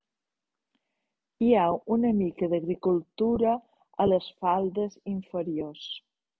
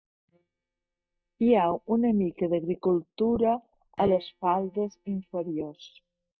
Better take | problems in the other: first | noise reduction (neural mask model DeepFilterNet 3)

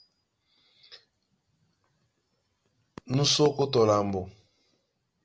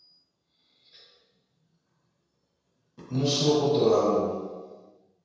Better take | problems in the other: first | room echo; dies away in 1.2 s

